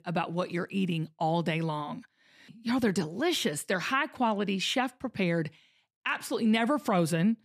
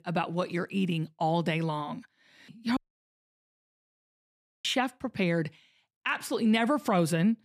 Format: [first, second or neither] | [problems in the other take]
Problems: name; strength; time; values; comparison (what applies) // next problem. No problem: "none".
first | audio cutting out; at 3 s for 2 s